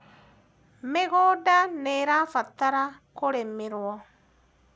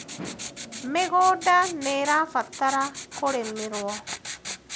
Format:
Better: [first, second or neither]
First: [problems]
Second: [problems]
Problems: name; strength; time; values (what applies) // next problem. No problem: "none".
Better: first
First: none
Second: background sound (Writing); 11 dB below the speech